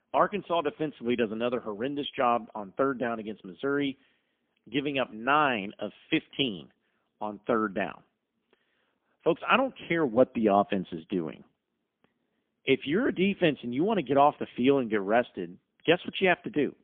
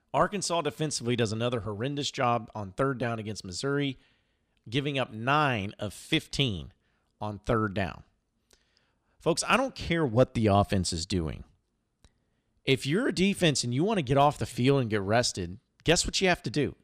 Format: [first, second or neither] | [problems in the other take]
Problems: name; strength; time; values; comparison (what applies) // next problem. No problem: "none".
second | phone-call audio; poor line; nothing above 3.5 kHz